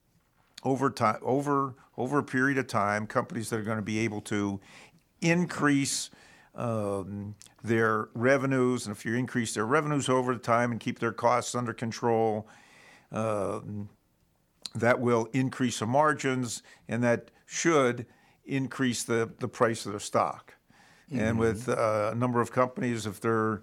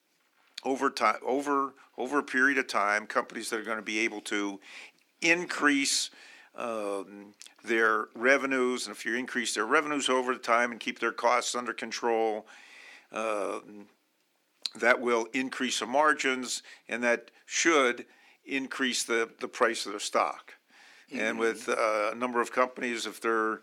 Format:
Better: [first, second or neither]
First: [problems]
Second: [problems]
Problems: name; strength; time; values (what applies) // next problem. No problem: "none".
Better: first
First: none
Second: thin; very slightly; fading below 300 Hz